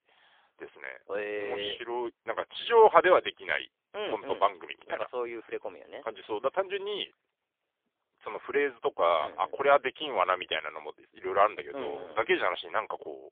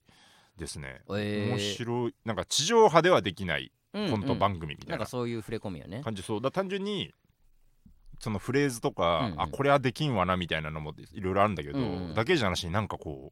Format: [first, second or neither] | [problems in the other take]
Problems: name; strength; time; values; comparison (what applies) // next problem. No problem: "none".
second | phone-call audio; poor line; nothing above 3.5 kHz